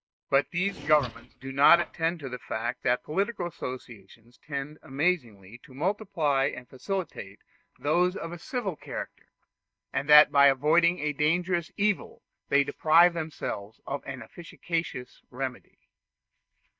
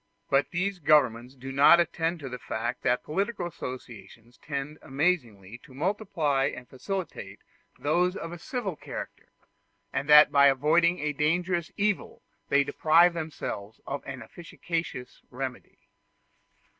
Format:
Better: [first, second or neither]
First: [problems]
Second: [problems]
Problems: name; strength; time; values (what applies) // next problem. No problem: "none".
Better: second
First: noise reduction (neural mask model DeepFilterNet 3)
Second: none